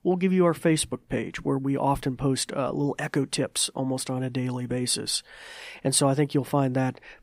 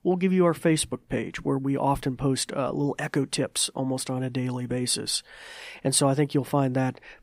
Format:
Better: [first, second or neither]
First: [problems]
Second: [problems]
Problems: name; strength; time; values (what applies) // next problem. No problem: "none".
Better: neither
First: none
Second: none